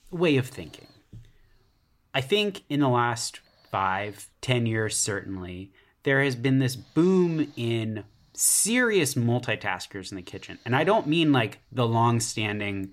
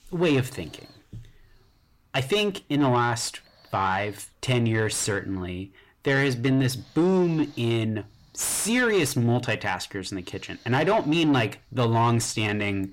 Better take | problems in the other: first | distortion; slight; 10 dB below the speech

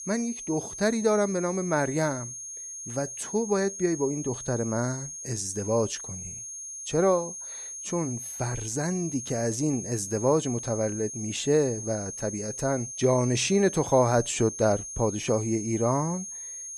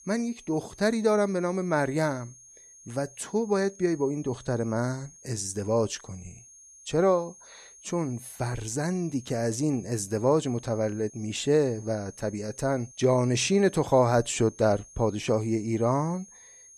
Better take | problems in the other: second | high-pitched whine; loud; throughout; 6.5 kHz, 8 dB below the speech; faint in the second

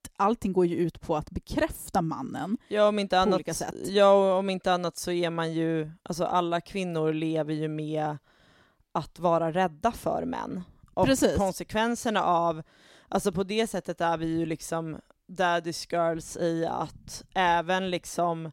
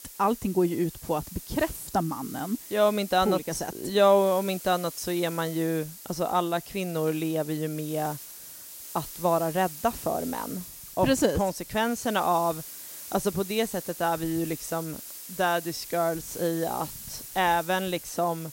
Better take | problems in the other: first | hiss; noticeable; throughout; 10 dB below the speech

